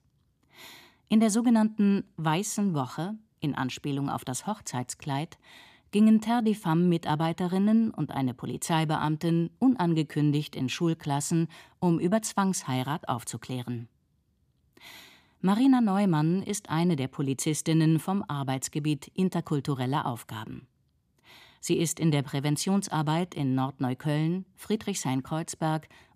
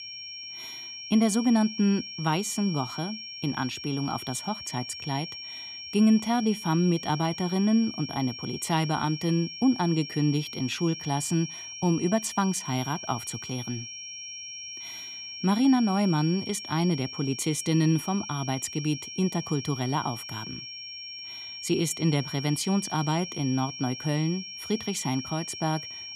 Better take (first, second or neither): first